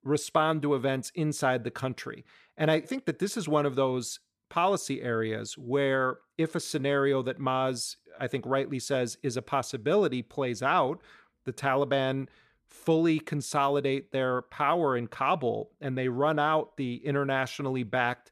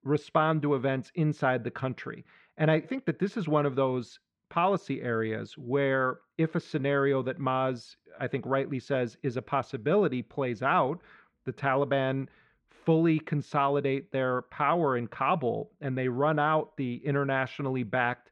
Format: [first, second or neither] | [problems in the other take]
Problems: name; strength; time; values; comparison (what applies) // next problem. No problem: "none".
first | muffled; slightly; fading above 2.5 kHz